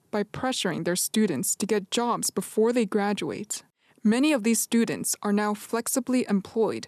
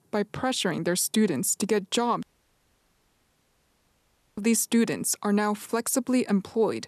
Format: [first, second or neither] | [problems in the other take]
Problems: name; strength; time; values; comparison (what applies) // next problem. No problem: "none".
first | audio cutting out; at 2 s for 2 s